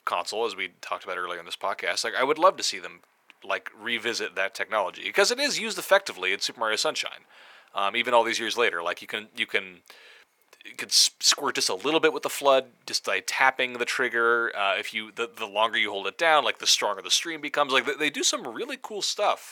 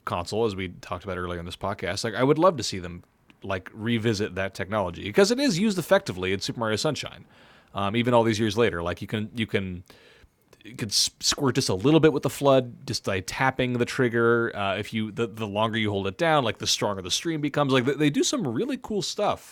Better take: second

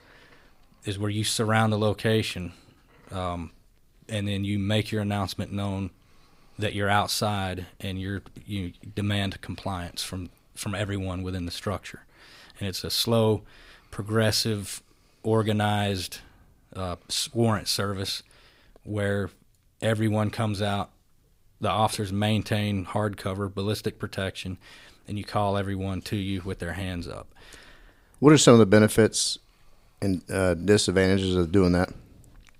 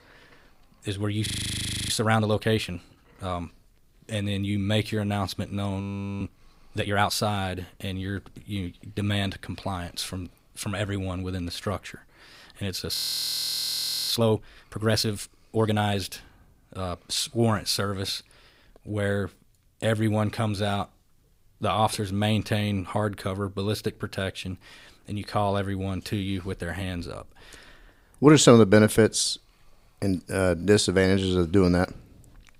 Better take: first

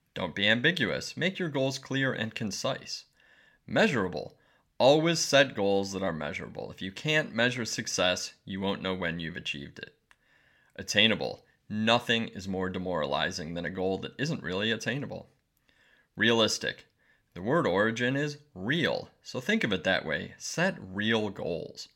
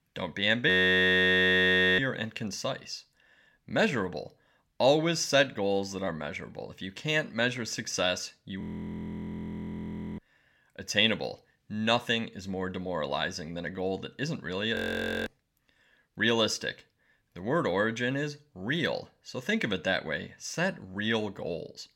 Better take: first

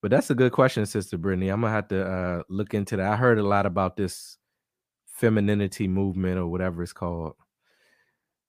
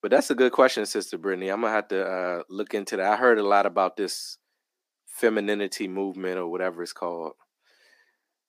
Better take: first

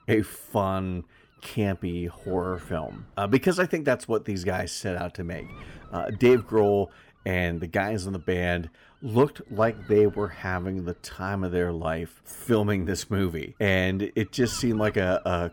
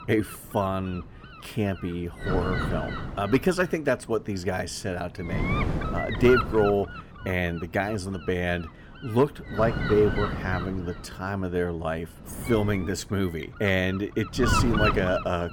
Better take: first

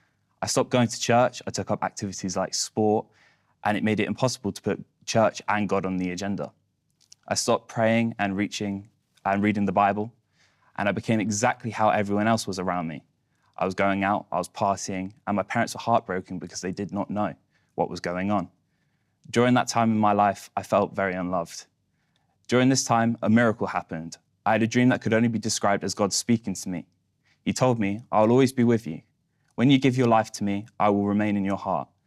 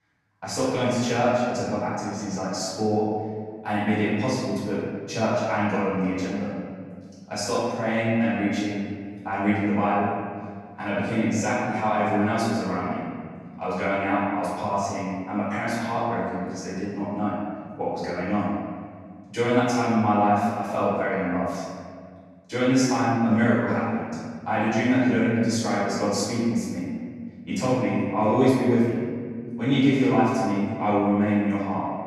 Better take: first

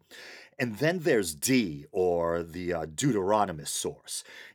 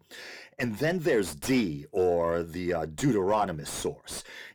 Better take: first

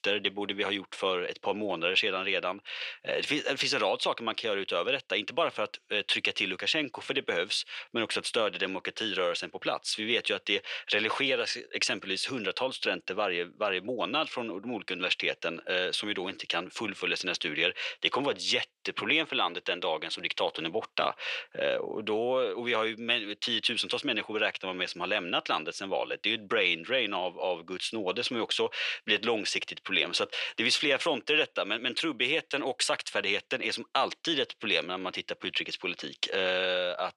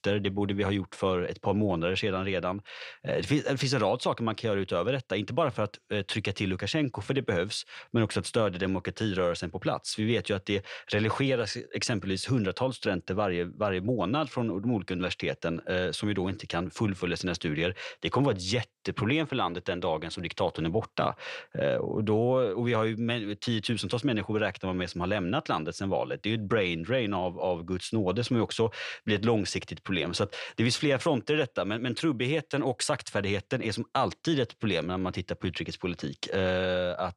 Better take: second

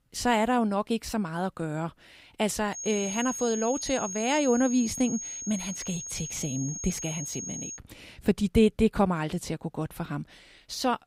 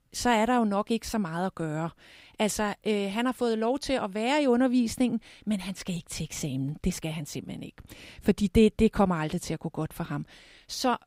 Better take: second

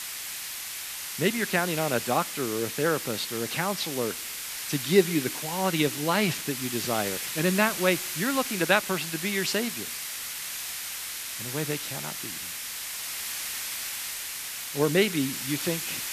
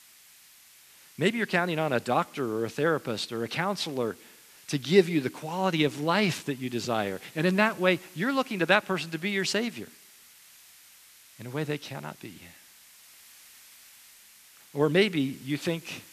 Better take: second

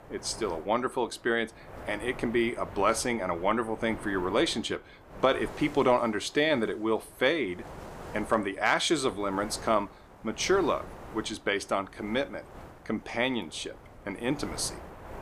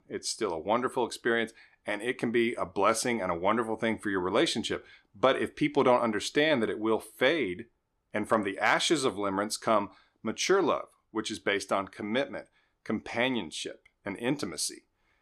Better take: second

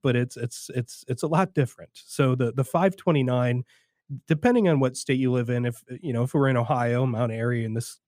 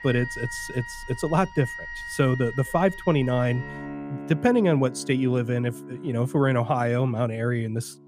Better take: first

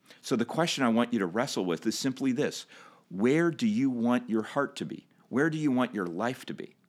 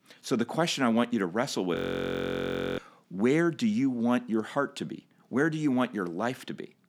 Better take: first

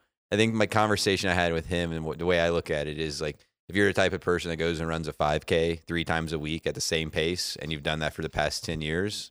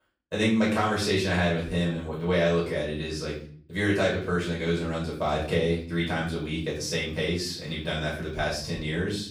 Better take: first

